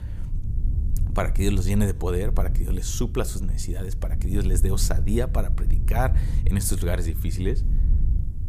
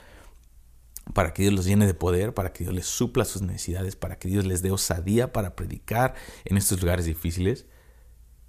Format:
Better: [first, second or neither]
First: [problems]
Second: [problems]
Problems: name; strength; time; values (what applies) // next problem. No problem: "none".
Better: second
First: low rumble; noticeable; throughout; 15 dB below the speech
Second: none